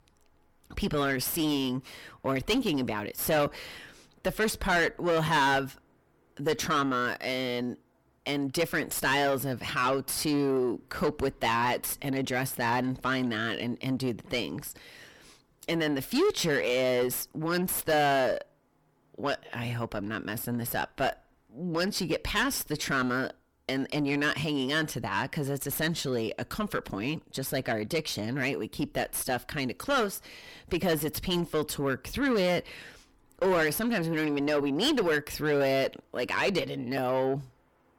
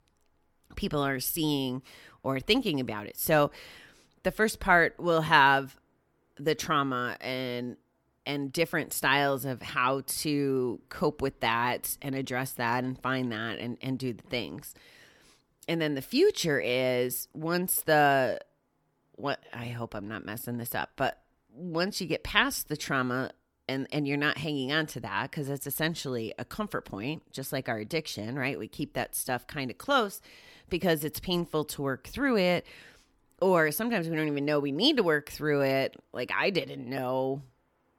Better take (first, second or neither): second